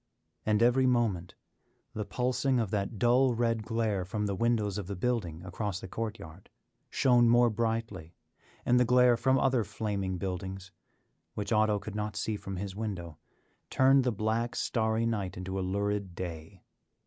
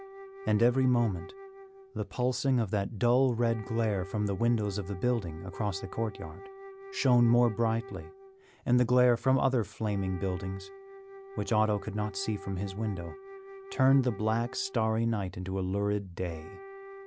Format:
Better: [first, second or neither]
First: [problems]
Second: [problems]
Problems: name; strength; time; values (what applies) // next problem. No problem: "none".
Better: first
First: none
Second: background sound (Wind instrument, woodwind instrument); 17 dB below the speech